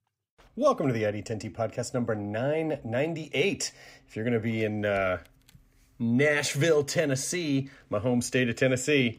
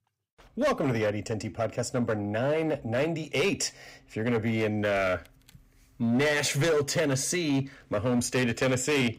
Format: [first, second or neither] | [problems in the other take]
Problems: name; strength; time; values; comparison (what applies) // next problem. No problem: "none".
first | distortion; slight; 10% of the sound clipped